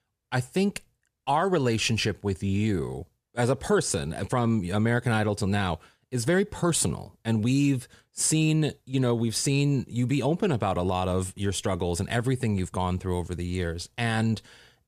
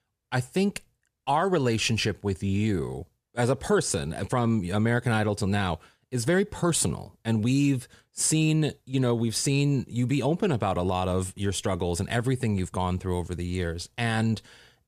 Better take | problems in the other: neither | none

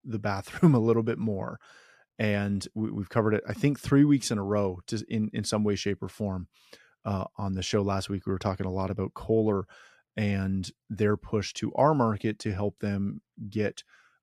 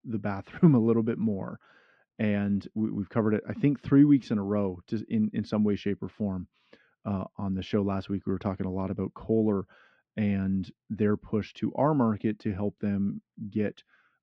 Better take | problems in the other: first | muffled; slightly; fading above 3.5 kHz

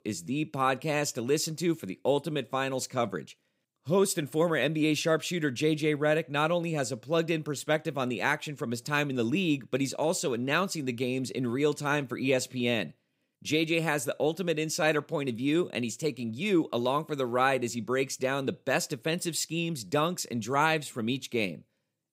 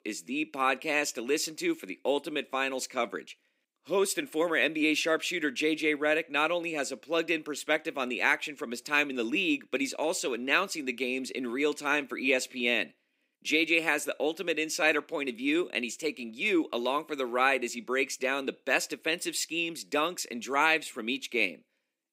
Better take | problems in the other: first | thin; very slightly; fading below 250 Hz

